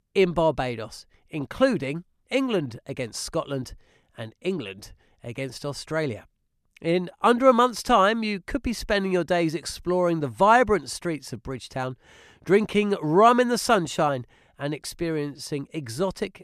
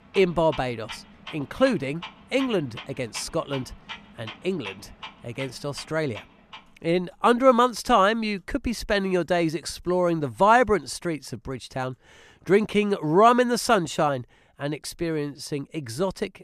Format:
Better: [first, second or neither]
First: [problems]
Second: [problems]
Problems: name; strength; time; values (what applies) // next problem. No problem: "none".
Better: first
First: none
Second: household noises; noticeable; throughout; 15 dB below the speech